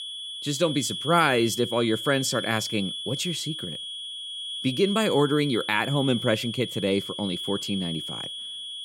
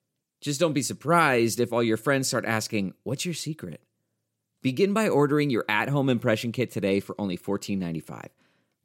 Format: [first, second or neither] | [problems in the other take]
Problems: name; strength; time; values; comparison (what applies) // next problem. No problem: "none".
second | high-pitched whine; loud; throughout; 3.5 kHz, 6 dB below the speech